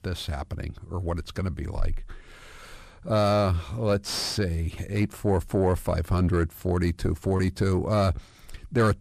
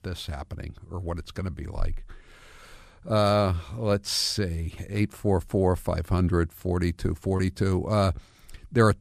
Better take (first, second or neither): second